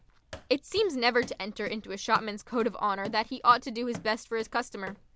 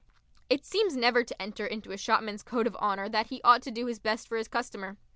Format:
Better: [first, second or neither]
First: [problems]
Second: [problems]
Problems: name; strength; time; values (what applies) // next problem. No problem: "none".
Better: second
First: background sound (Run); 18 dB below the speech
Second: none